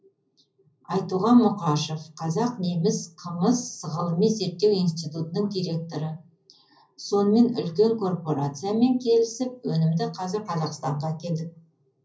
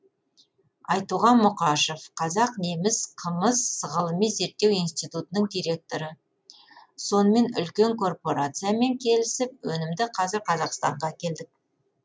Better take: second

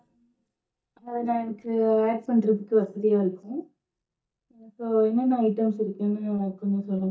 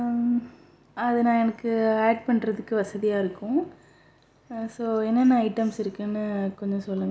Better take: second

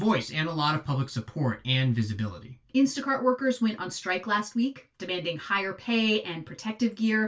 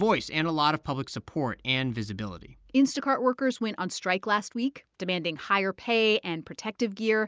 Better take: second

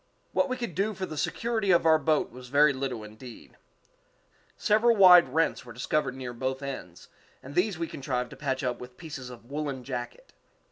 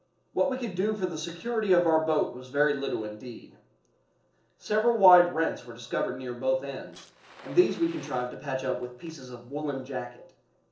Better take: first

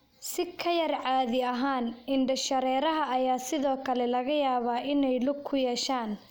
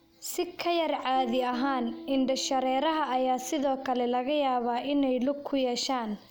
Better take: first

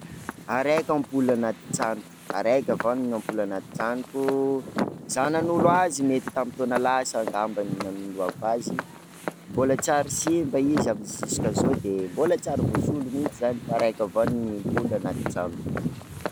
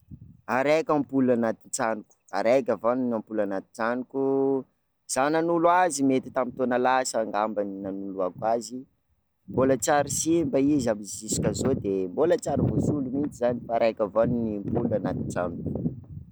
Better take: second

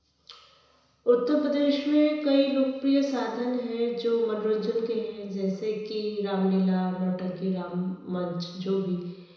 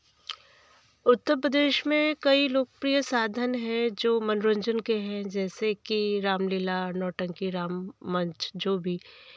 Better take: second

